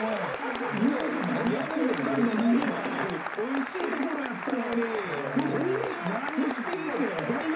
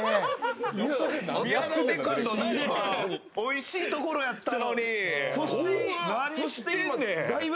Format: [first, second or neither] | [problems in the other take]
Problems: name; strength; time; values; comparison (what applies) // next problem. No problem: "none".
second | background sound (Applause); 6 dB below the speech // room echo; dies away in 0.3 s